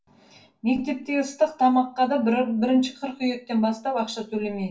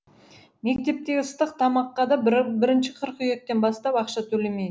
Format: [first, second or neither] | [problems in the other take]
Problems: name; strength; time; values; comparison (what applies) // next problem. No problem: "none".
second | room echo; dies away in 0.2 s